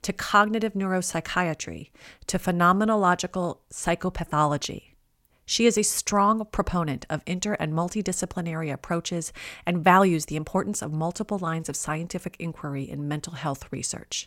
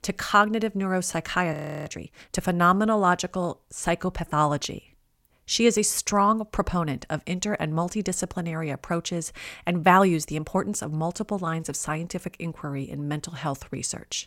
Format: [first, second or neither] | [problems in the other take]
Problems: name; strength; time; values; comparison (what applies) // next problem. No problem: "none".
first | audio freezing; at 1.5 s